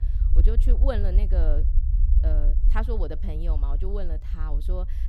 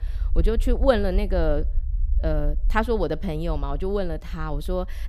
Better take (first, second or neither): second